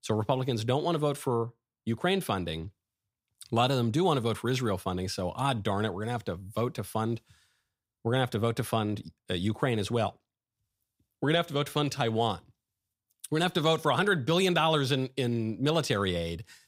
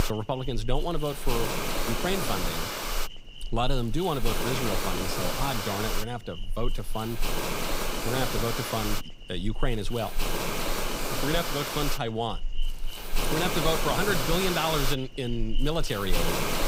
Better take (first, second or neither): first